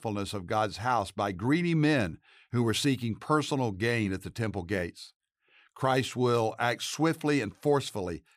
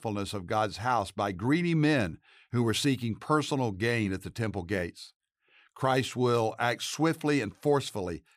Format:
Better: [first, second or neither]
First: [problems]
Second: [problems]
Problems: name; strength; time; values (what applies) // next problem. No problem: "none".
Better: neither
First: none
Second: none